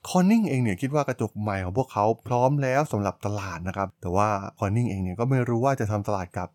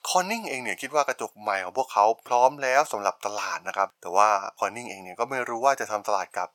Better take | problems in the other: first | thin; very; fading below 800 Hz

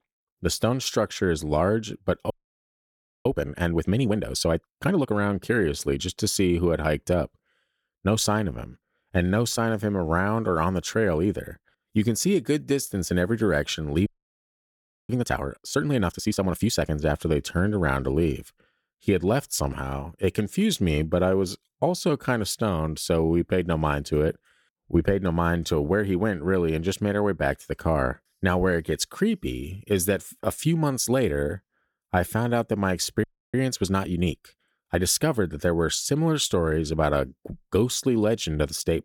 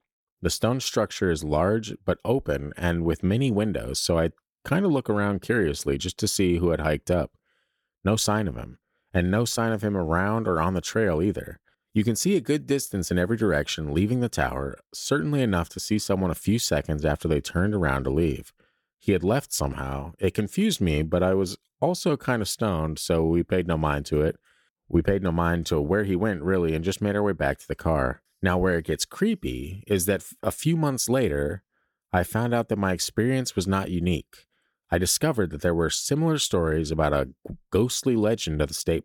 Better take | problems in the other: second | audio freezing; at 2.5 s for 1 s, at 14 s for 1 s and at 33 s

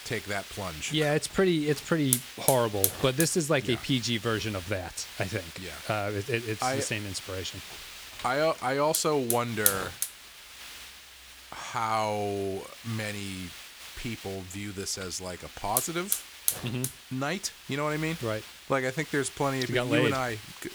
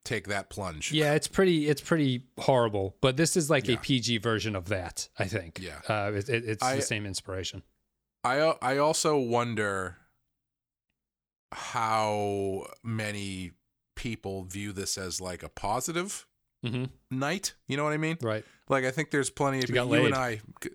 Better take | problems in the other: second | hiss; loud; throughout; 5 dB below the speech

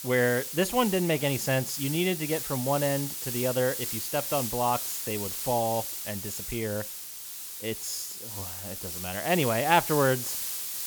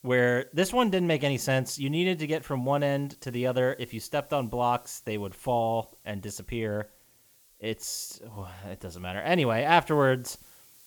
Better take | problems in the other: second | hiss; loud; throughout; 4 dB below the speech; faint in the second

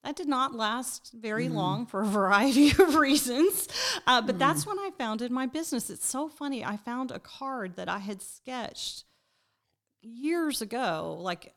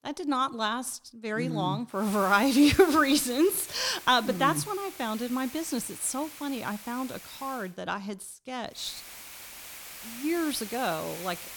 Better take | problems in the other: first | hiss; noticeable; from 2 to 7.5 s and from 9 s on; 15 dB below the speech

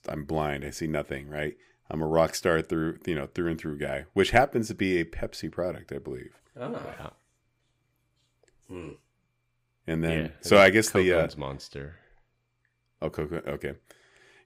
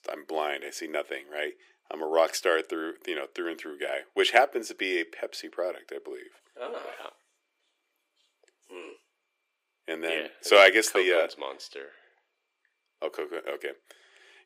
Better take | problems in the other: first | thin; very; fading below 350 Hz

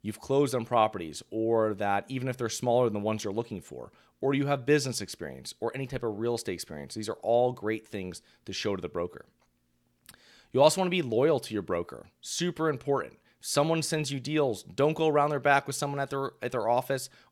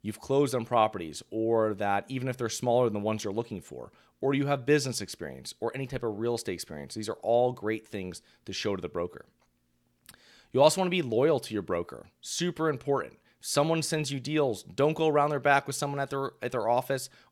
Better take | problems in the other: neither | none

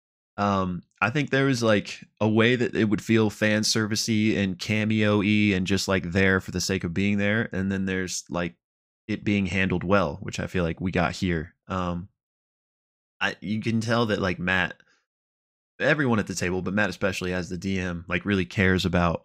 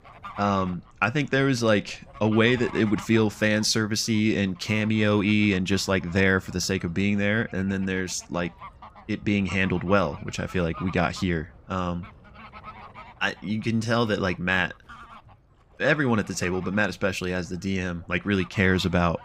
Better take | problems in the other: first | animal sounds; faint; throughout; 20 dB below the speech

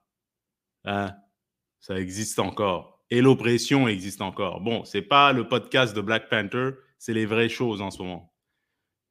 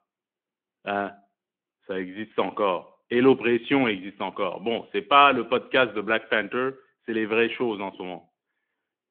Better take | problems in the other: first | phone-call audio; nothing above 3.5 kHz

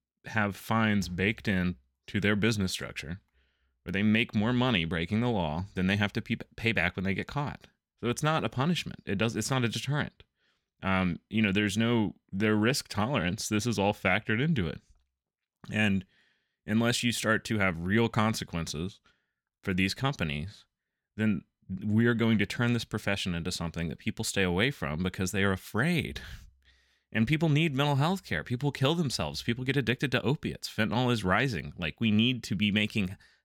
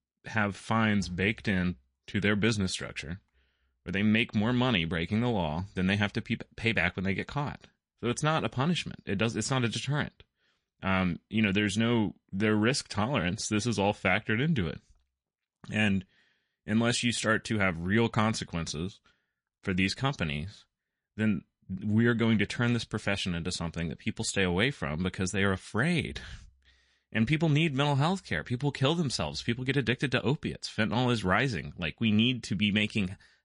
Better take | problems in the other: first | garbled, watery; slightly; nothing above 10.5 kHz

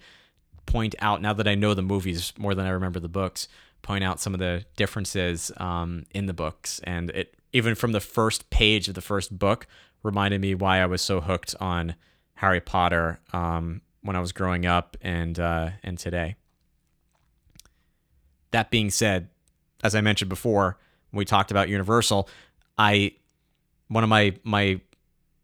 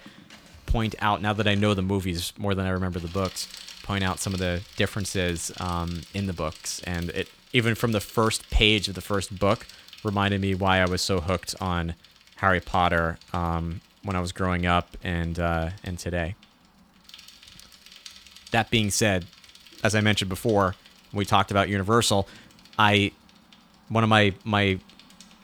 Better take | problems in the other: first | traffic noise; faint; throughout; 20 dB below the speech

